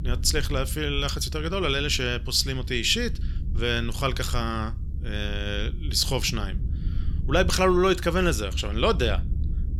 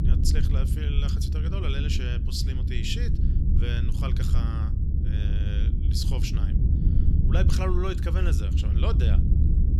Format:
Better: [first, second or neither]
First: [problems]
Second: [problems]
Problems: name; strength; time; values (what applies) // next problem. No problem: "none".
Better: first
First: low rumble; faint; throughout; 20 dB below the speech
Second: low rumble; loud; throughout; 4 dB below the speech